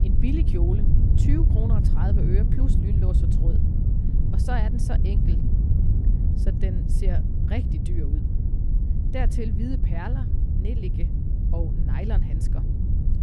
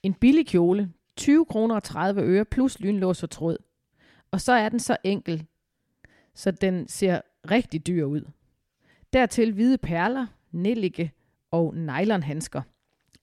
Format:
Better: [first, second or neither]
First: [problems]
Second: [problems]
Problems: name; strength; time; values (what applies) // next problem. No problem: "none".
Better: second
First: wind noise on the microphone; heavy; 1 dB below the speech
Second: none